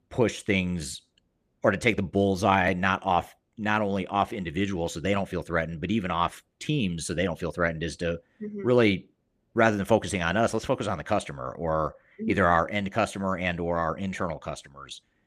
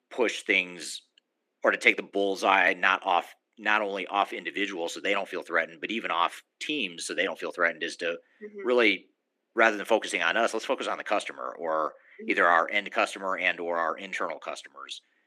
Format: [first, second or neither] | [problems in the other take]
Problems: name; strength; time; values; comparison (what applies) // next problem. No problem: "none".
first | thin; somewhat; fading below 250 Hz